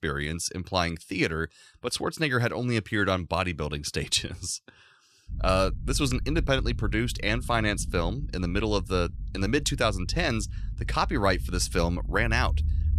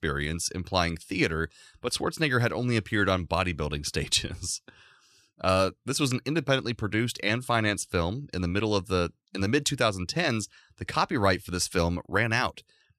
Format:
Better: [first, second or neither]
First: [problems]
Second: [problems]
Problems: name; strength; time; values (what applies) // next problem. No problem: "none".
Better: second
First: low rumble; faint; from 5.5 s on; 25 dB below the speech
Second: none